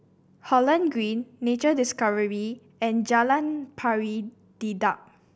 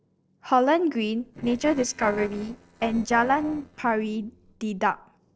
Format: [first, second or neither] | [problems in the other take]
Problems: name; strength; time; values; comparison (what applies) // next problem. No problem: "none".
first | noise reduction (neural separator model SepFormer DNS4)